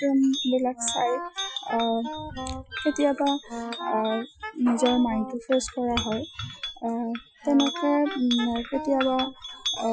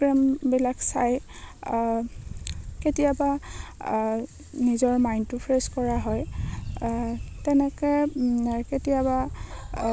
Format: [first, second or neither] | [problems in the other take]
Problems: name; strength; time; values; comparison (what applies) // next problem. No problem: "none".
second | noise reduction (classical method Wiener filter)